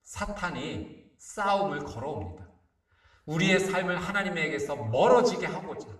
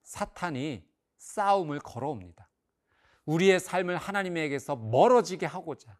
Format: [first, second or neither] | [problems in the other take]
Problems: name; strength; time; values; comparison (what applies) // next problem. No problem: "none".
second | room echo; slight; dies away in 0.8 s // off-mic speech; somewhat distant